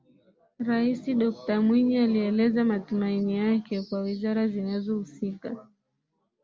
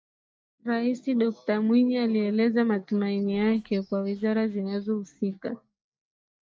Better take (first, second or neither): first